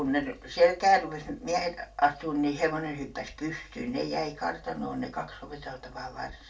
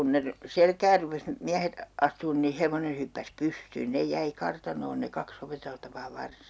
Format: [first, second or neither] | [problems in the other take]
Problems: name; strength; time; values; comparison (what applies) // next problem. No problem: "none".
second | room echo; dies away in 0.2 s